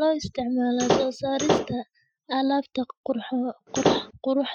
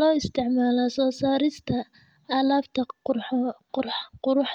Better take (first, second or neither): second